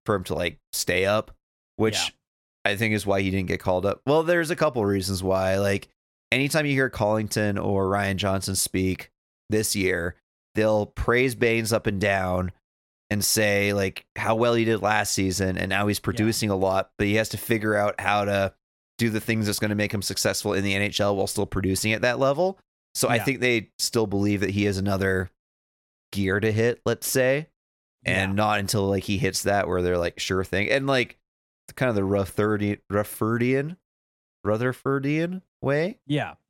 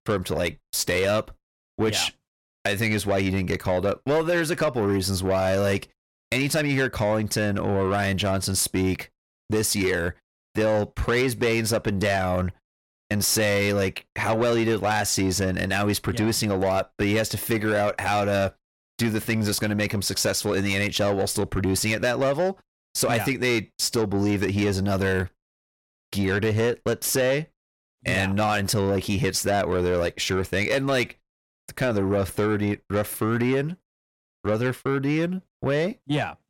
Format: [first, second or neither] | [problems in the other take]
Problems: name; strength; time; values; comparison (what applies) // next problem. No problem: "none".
first | distortion; slight; 10 dB below the speech